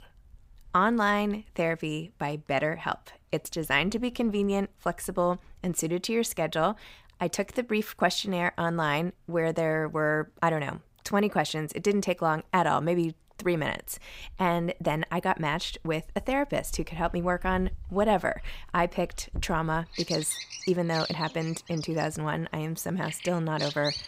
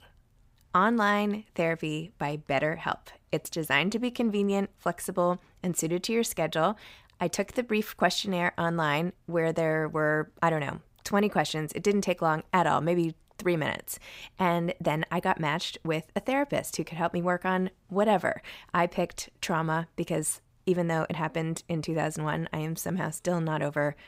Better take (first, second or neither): second